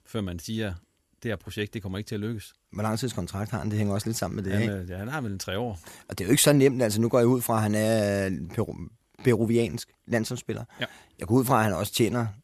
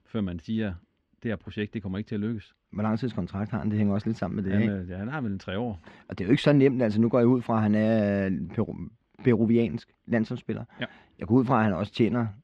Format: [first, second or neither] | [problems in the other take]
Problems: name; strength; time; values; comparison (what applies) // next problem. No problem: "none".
first | muffled; slightly; fading above 3 kHz